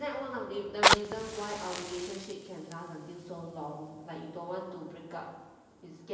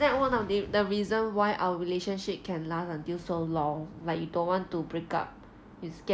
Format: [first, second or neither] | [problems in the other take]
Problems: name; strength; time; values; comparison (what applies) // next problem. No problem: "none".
second | background sound (Fire); 4 dB above the speech // room echo; dies away in 1 s